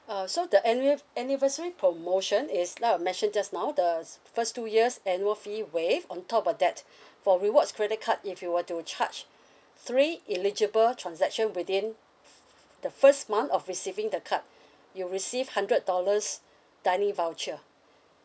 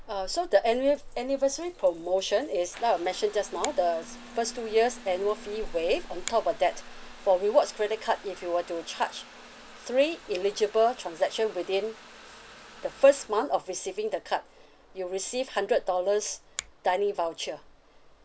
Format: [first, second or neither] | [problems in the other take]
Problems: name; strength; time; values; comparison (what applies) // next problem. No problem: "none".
first | background sound (Trickle, dribble / Bathtub (filling or washing) / Water tap, faucet + Finger snapping); 17 dB below the speech